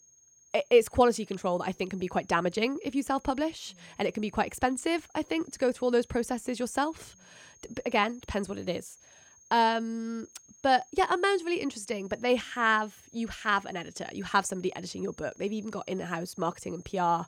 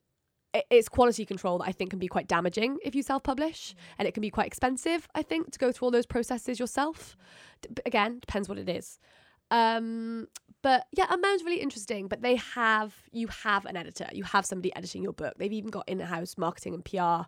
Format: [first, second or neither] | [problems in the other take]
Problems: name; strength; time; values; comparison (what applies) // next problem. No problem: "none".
second | high-pitched whine; faint; throughout; 6.5 kHz, 25 dB below the speech